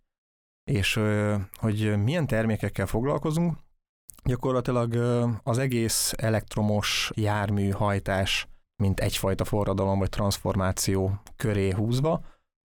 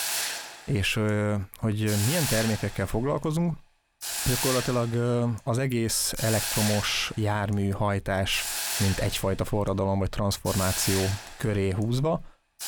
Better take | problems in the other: first | hiss; loud; throughout; 3 dB below the speech

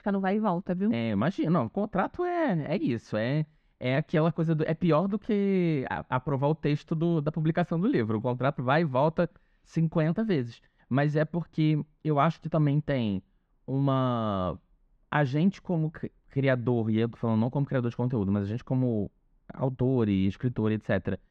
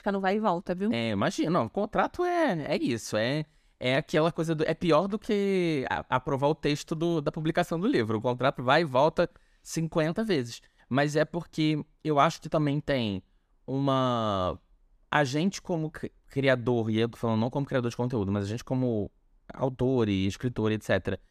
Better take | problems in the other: second | muffled; slightly; fading above 3 kHz

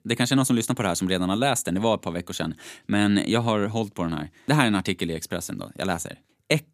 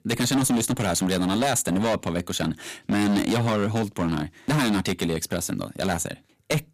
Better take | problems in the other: first | distortion; heavy; 14% of the sound clipped

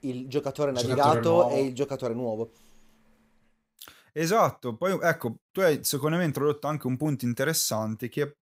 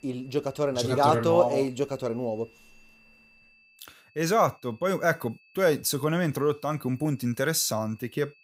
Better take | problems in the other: first | high-pitched whine; faint; throughout; 2.5 kHz, 30 dB below the speech

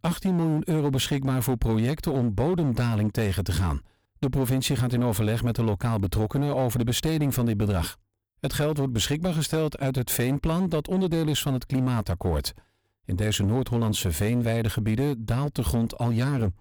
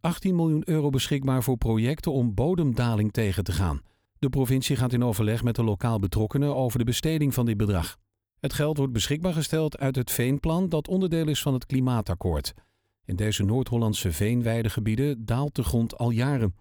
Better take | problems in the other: second | distortion; slight; 11% of the sound clipped

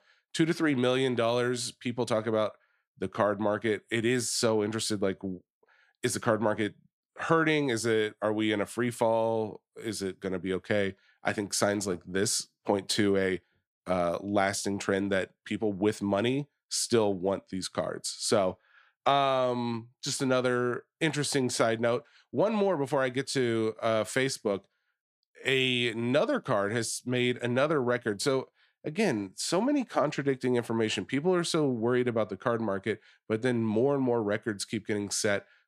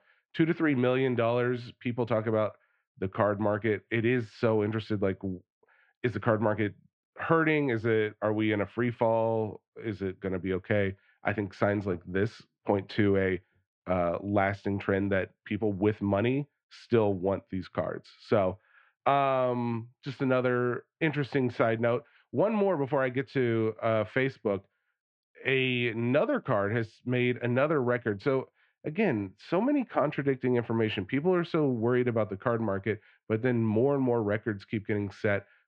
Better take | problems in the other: first | muffled; very; fading above 2.5 kHz

